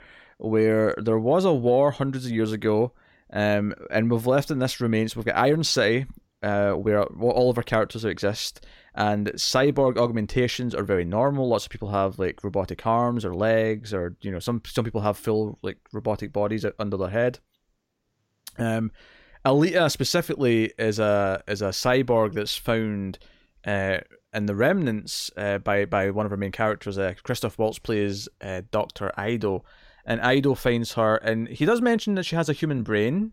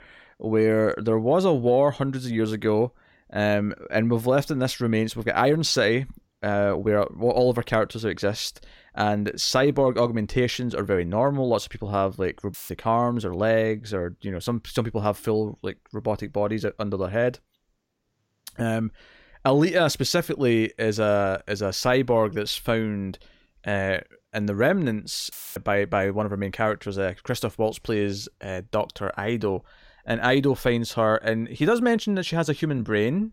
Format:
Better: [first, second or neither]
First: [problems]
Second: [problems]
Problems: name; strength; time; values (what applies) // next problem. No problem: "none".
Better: first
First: none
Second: audio cutting out; filled with static; at 13 s and at 25 s